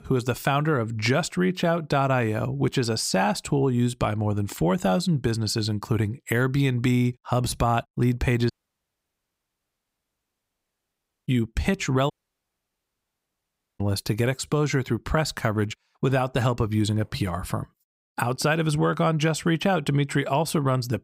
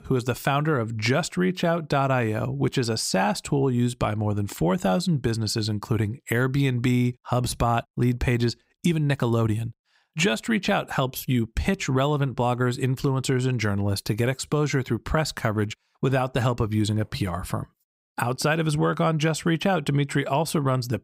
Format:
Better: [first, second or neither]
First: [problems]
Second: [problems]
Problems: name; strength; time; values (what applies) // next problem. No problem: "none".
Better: second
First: audio cutting out; at 8.5 s for 3 s and at 12 s for 1.5 s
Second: none